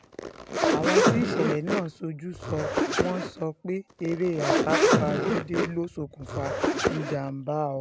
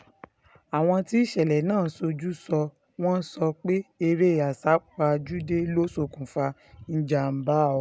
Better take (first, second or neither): second